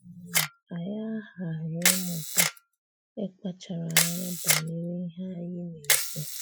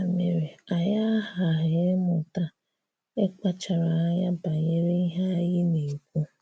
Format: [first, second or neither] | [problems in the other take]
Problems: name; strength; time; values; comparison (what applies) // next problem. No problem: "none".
second | noise reduction (classical method Wiener filter)